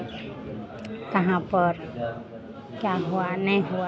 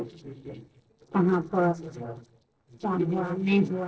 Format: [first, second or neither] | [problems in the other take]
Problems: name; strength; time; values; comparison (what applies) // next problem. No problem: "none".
first | noise reduction (neural separator model SepFormer DNS4)